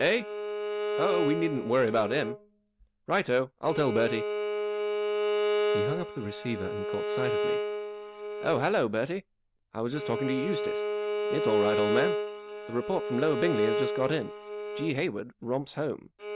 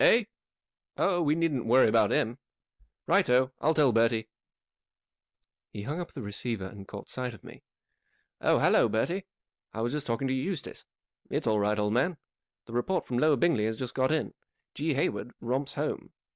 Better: second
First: background sound (Bowed string instrument); 1 dB below the speech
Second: none

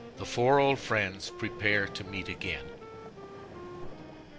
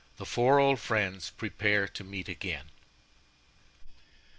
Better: second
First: background sound (Wind instrument, woodwind instrument + Vehicle); 13 dB below the speech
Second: none

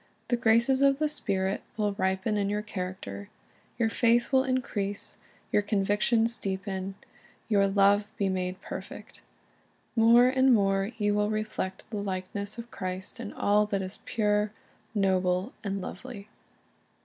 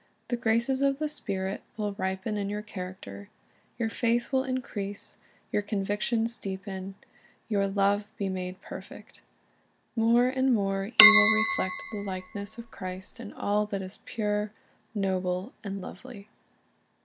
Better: first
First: none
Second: background sound (Chink, clink); 3 dB above the speech

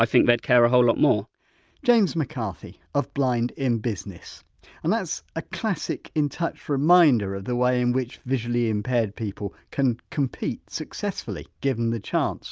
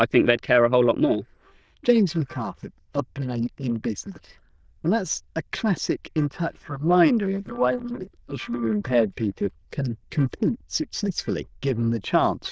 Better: first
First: none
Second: noise reduction (neural diffusion model UNIVERSE++)

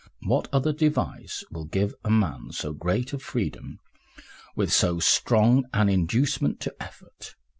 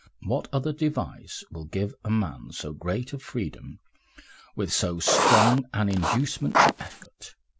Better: first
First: none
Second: background sound (Writing); 4 dB above the speech

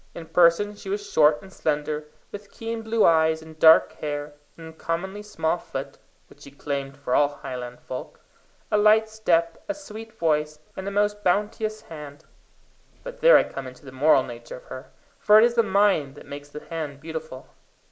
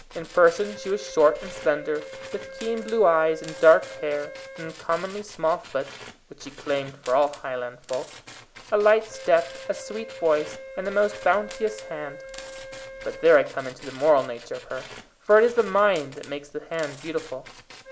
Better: first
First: none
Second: background sound (Wind instrument, woodwind instrument + Tools); 16 dB below the speech

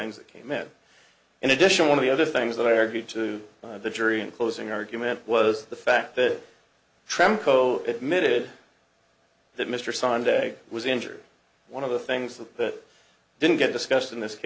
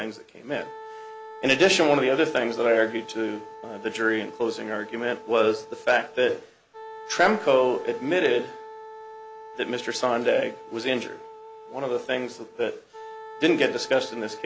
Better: first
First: none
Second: background sound (Wind instrument, woodwind instrument); 16 dB below the speech

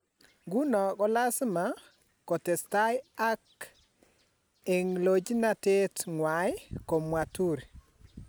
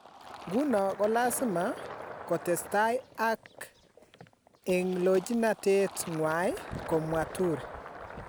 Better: first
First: none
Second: background sound (Fill (with liquid)); 14 dB below the speech

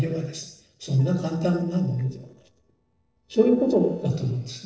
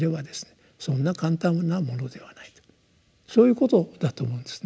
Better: second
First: noise reduction (neural separator model SepFormer DNS4)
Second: none

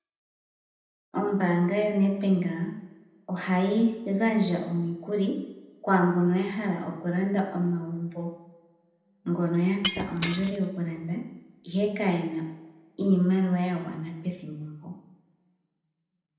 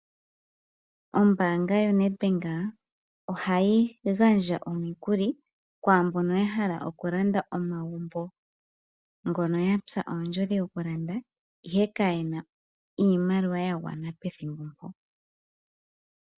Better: second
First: background sound (Shatter); 9 dB below the speech // room echo; dies away in 0.8 s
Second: none

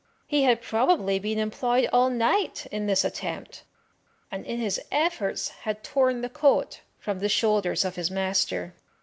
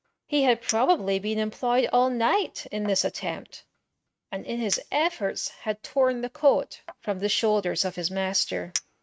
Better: first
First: none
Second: noise reduction (neural mask model RNNoise)

